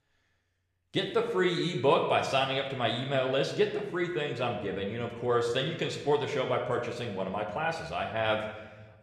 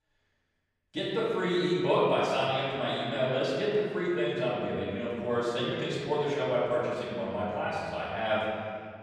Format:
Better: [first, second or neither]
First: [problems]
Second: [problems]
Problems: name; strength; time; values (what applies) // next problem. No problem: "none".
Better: first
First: room echo; slight; dies away in 1 s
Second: room echo; strong; dies away in 2 s // off-mic speech; far